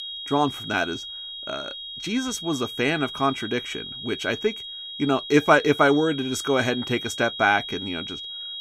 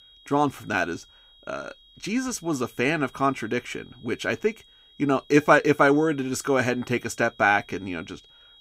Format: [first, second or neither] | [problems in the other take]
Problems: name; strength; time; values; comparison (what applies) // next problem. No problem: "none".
second | high-pitched whine; loud; throughout; 3.5 kHz, 9 dB below the speech; faint in the second